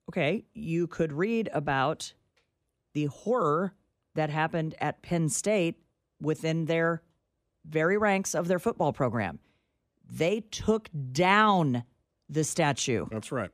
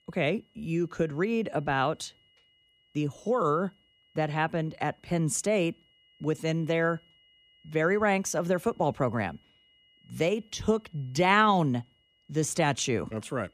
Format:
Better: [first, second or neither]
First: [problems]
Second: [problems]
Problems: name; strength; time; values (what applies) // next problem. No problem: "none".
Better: first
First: none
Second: high-pitched whine; faint; throughout; 3 kHz, 35 dB below the speech